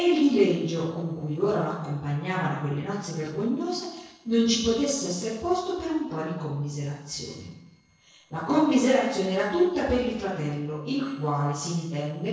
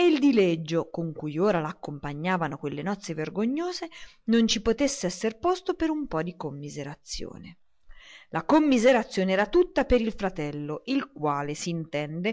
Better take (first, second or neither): second